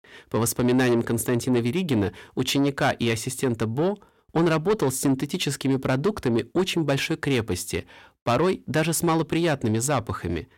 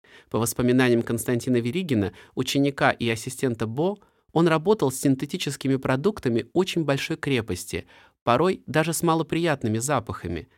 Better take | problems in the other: second | distortion; slight; 10 dB below the speech

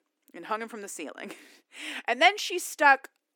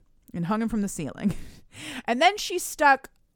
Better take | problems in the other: second | thin; somewhat; fading below 300 Hz

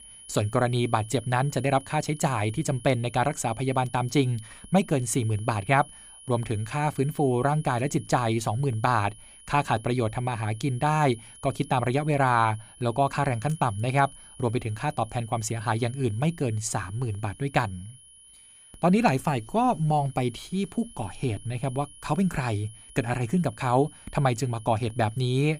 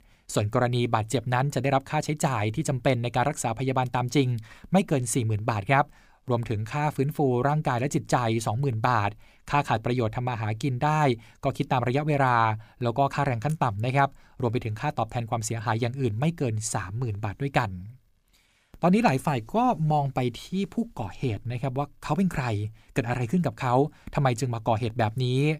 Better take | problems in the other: second | high-pitched whine; faint; throughout; 10.5 kHz, 20 dB below the speech

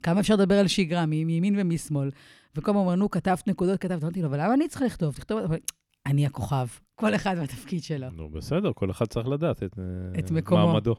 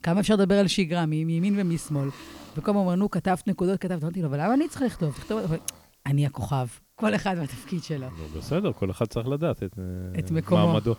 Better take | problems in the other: first | hiss; faint; throughout; 25 dB below the speech

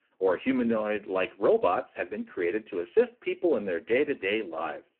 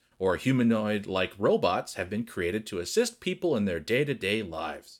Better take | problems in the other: second | phone-call audio; poor line

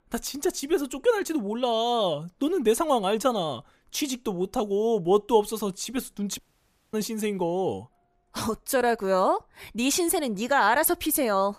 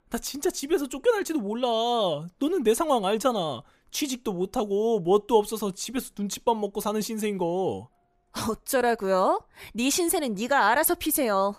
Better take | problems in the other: second | audio cutting out; at 6.5 s for 0.5 s

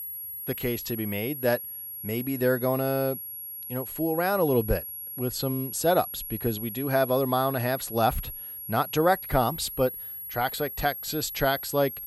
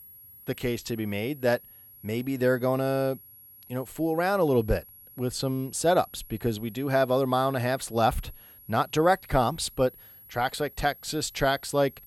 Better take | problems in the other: second | high-pitched whine; loud; throughout; 11.5 kHz, 7 dB below the speech; faint in the second

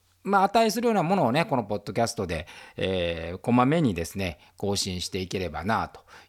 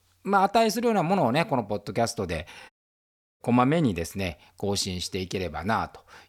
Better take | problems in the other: first | audio cutting out; at 2.5 s for 0.5 s

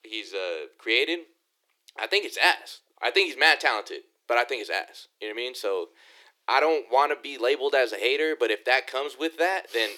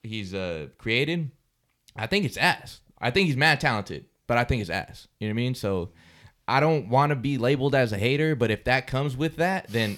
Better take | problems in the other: second | thin; very; fading below 350 Hz

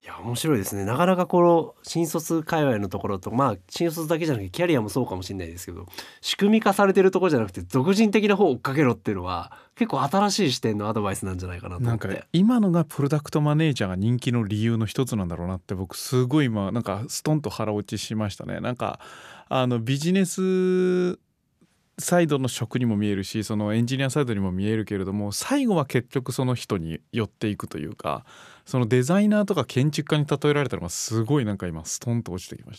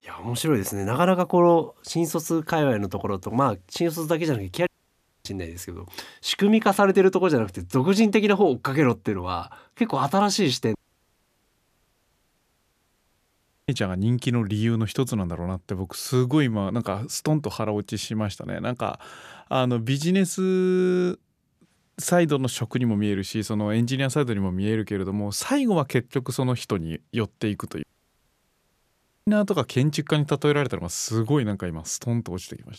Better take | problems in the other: first | audio cutting out; at 4.5 s for 0.5 s, at 11 s for 3 s and at 28 s for 1.5 s

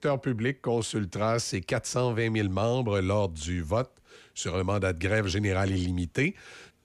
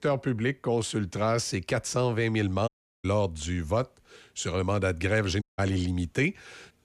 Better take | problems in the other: first | audio cutting out; at 2.5 s and at 5.5 s

